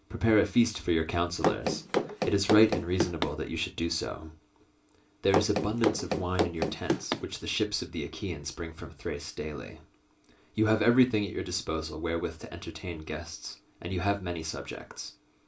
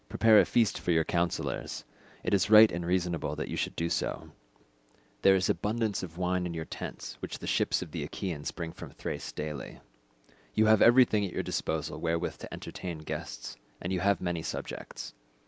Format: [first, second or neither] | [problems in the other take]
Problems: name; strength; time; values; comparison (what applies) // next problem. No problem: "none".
second | background sound (Run); as loud as the speech // room echo; dies away in 0.2 s